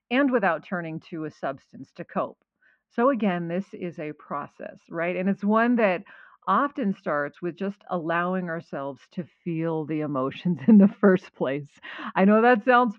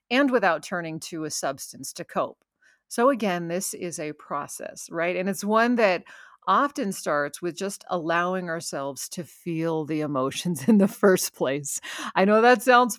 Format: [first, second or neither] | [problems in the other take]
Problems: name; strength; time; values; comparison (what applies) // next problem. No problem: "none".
second | muffled; very; fading above 3 kHz